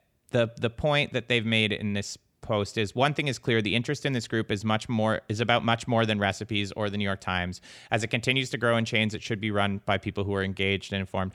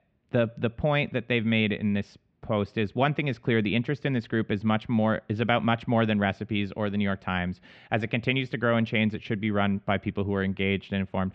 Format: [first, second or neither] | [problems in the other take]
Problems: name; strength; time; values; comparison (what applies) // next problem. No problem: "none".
first | muffled; very; fading above 3 kHz